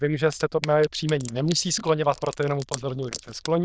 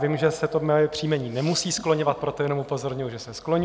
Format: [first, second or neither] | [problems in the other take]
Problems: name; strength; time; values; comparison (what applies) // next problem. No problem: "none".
second | noise reduction (neural diffusion model UNIVERSE++)